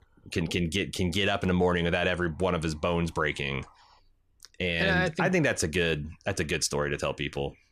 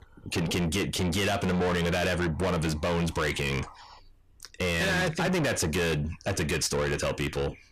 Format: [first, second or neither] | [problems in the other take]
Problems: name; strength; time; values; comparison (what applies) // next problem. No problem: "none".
first | distortion; heavy; 6 dB below the speech